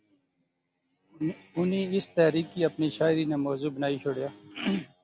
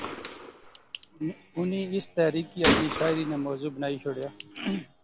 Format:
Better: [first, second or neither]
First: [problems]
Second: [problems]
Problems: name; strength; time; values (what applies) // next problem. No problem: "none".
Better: first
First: none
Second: background sound (Gunshot, gunfire); 3 dB below the speech